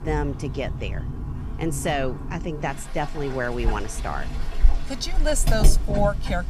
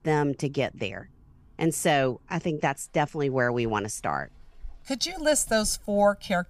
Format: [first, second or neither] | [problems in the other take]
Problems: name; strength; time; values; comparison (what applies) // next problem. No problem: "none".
second | animal sounds; loud; throughout; 1 dB below the speech; faint in the second